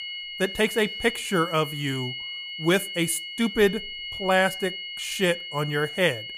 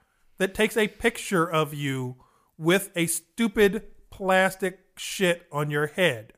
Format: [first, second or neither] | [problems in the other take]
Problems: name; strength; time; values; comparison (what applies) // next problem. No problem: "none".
second | high-pitched whine; loud; throughout; 3 kHz, 8 dB below the speech